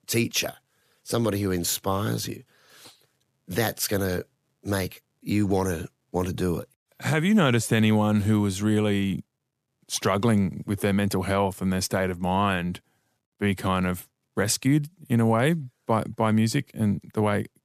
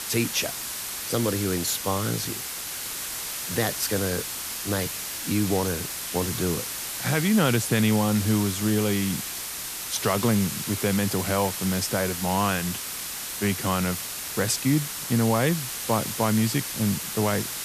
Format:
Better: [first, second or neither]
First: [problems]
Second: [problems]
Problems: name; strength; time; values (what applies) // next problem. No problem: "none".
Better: first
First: none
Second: hiss; loud; throughout; 4 dB below the speech